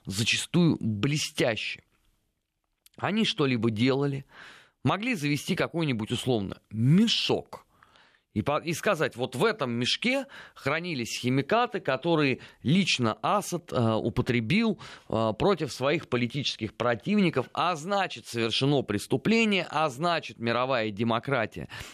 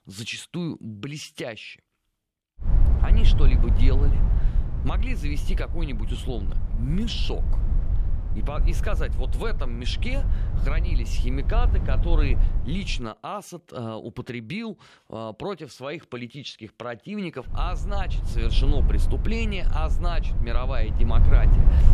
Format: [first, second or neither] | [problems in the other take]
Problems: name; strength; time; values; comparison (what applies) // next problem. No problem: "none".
first | low rumble; loud; from 2.5 to 13 s and from 17 s on; 8 dB below the speech